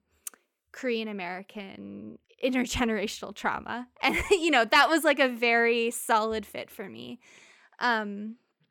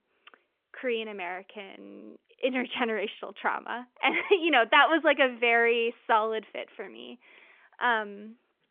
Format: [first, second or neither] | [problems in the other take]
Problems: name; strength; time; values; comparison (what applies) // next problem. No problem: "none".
first | phone-call audio; nothing above 3.5 kHz